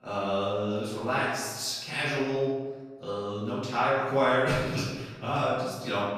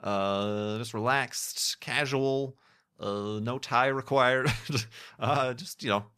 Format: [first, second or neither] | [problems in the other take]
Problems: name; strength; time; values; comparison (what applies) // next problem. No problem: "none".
second | room echo; strong; dies away in 1.1 s // off-mic speech; far